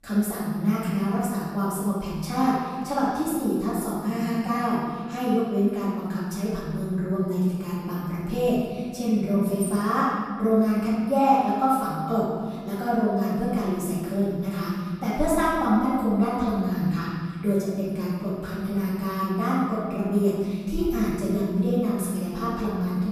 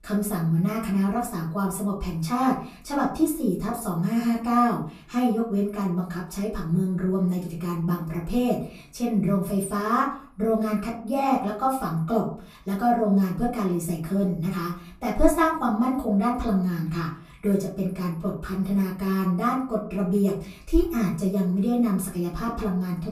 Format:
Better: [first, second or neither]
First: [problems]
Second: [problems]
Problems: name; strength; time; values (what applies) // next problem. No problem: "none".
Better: second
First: room echo; strong; dies away in 1.7 s // off-mic speech; far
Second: room echo; slight; dies away in 0.4 s // off-mic speech; far